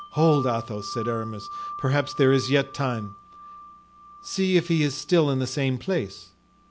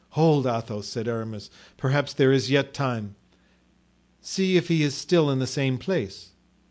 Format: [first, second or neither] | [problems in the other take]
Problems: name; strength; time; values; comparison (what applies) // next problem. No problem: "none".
second | background sound (Wind chime); 14 dB below the speech